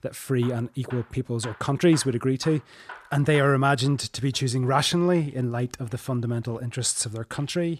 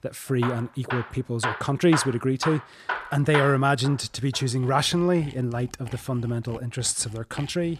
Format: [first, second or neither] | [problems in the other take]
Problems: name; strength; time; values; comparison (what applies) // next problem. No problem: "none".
first | machinery noise; loud; throughout; 8 dB below the speech; faint in the first